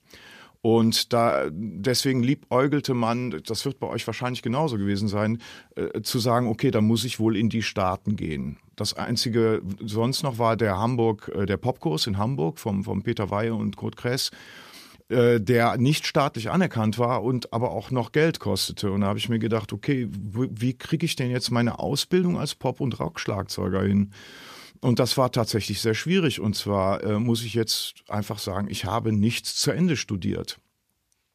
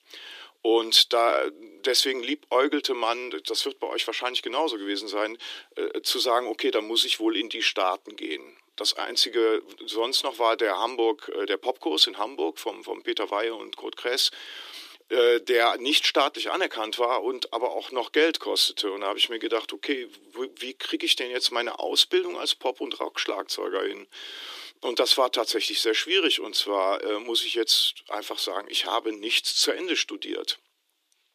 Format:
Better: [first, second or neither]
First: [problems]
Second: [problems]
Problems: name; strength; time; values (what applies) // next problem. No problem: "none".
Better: first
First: none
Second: thin; very; fading below 300 Hz